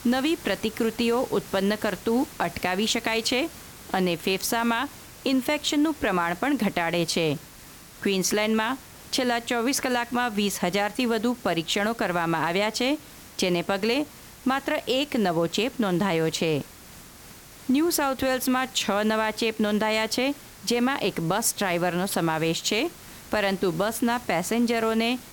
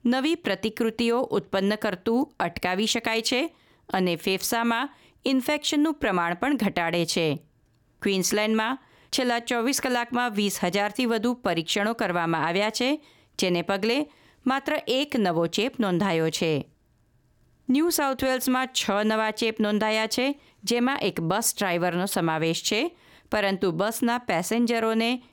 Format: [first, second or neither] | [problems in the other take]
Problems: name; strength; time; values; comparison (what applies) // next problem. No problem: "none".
second | hiss; noticeable; throughout; 20 dB below the speech